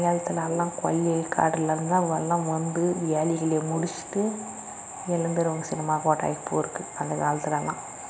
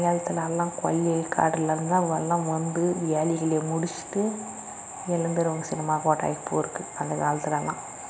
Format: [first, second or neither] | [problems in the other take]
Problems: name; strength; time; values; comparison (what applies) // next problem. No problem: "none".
second | background sound (Brass instrument); 17 dB below the speech